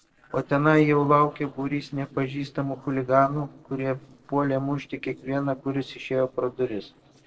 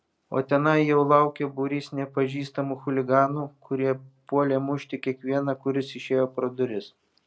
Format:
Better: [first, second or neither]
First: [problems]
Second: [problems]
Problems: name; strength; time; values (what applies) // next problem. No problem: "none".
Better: second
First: noise reduction (neural separator model SepFormer DNS4)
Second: none